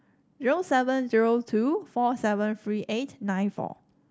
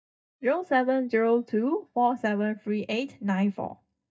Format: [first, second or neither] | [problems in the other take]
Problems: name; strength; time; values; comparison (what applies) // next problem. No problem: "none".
first | noise reduction (neural mask model DeepFilterNet 3)